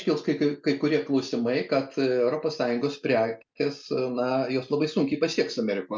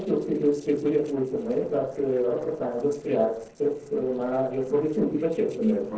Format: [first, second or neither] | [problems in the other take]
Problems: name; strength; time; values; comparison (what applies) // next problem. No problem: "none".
first | noise reduction (neural separator model SepFormer DNS4)